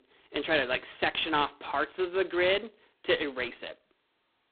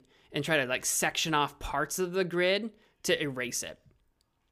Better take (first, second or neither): second